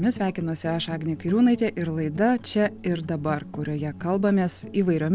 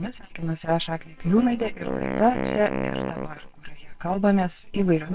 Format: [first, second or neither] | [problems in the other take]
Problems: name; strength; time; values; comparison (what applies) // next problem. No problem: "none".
first | noise reduction (neural separator model SepFormer WHAMR!)